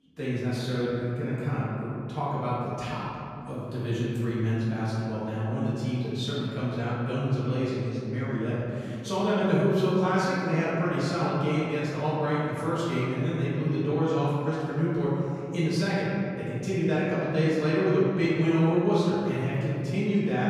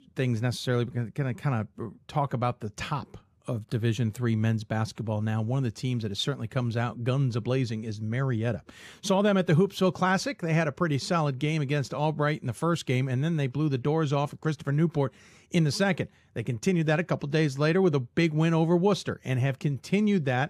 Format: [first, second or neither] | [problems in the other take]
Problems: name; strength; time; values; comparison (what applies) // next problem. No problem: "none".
second | off-mic speech; far // room echo; strong; dies away in 2.5 s